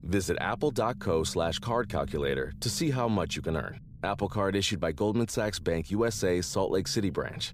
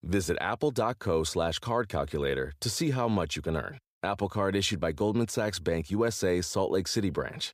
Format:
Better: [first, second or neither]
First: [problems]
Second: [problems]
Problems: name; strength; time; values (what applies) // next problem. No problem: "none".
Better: second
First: low rumble; faint; throughout; 25 dB below the speech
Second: none